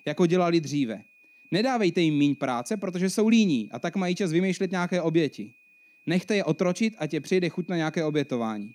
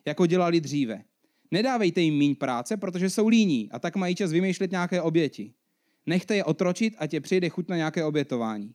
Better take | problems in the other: second | high-pitched whine; faint; throughout; 2.5 kHz, 30 dB below the speech

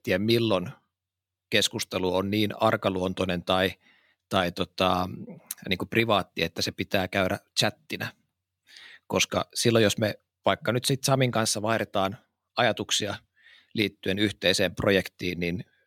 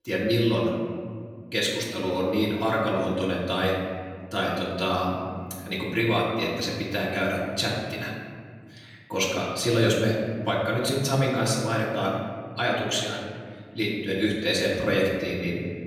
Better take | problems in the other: first | off-mic speech; far // room echo; noticeable; dies away in 1.8 s

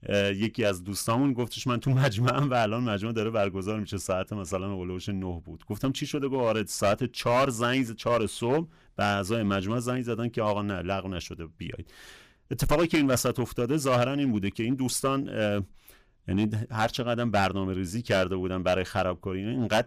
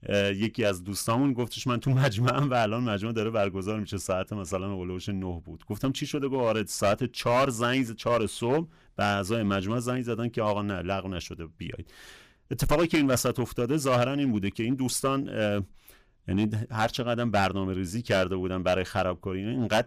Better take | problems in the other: neither | distortion; slight; 4% of the sound clipped; the same in both

